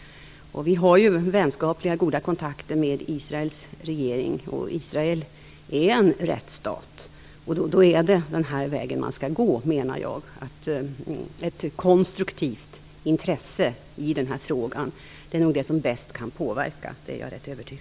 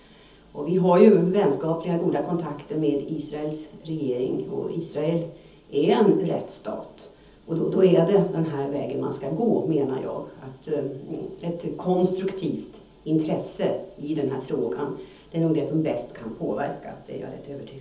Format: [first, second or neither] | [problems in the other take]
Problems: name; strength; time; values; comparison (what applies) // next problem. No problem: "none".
first | room echo; dies away in 0.7 s